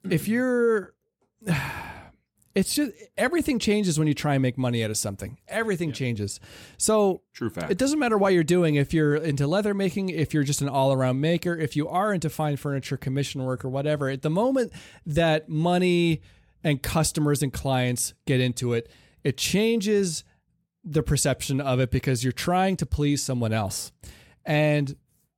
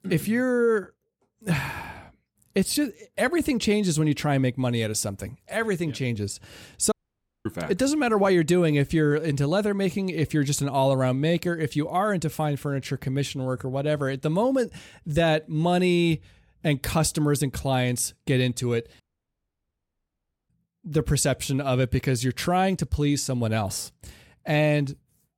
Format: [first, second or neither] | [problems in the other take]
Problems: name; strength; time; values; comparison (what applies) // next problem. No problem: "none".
first | audio cutting out; at 7 s for 0.5 s and at 19 s for 1.5 s